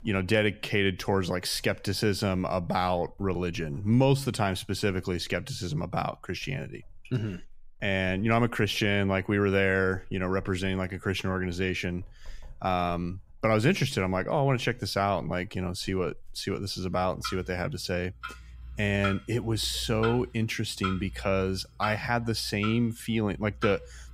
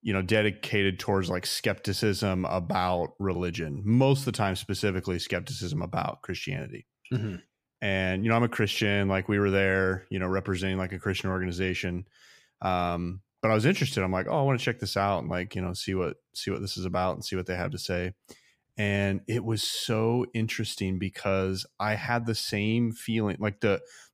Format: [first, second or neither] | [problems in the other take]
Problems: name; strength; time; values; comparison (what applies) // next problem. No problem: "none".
second | household noises; noticeable; throughout; 15 dB below the speech